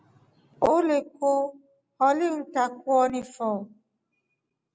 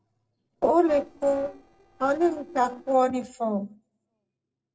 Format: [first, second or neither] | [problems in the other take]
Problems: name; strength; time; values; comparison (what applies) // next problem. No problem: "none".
first | noise reduction (neural separator model SepFormer DNS4)